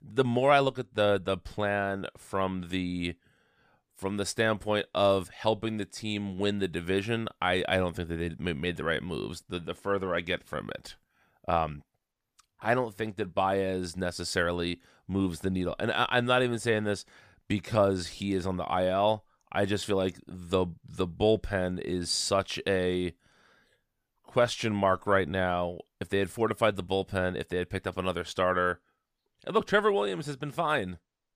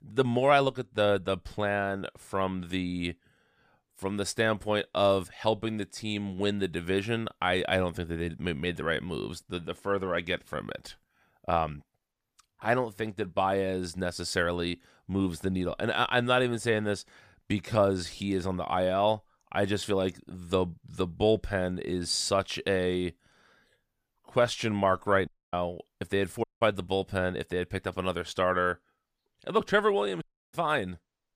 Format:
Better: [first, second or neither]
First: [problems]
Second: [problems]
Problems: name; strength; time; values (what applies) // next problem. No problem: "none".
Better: first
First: none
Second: audio cutting out; at 25 s, at 26 s and at 30 s